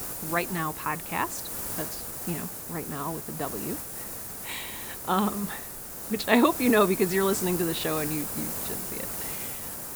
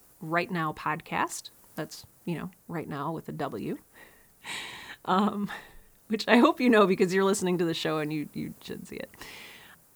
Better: second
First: hiss; loud; throughout; 5 dB below the speech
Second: hiss; faint; throughout; 30 dB below the speech

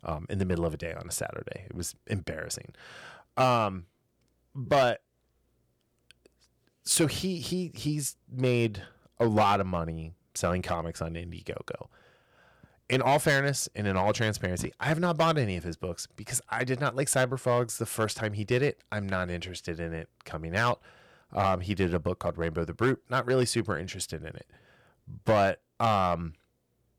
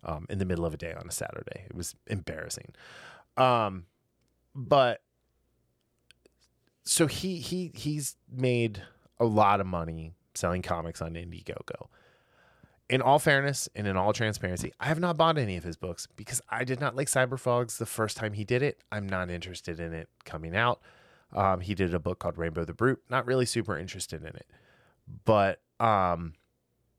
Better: second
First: distortion; slight; 2% of the sound clipped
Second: none

